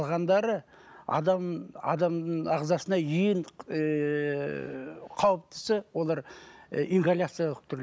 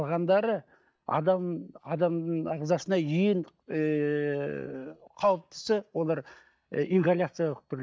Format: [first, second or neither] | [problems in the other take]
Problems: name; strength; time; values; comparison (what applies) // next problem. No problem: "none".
first | noise reduction (neural mask model DeepFilterNet 3)